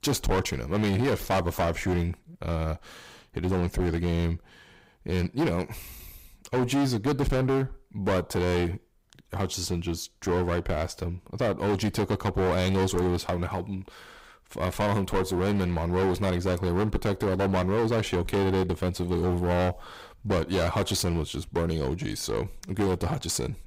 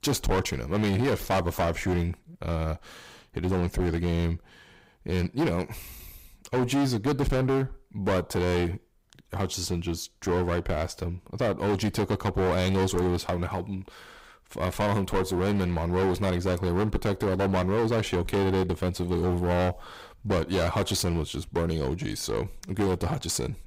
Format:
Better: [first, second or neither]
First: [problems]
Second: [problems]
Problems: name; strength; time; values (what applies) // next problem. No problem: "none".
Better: neither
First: distortion; heavy; 17% of the sound clipped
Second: distortion; heavy; 17% of the sound clipped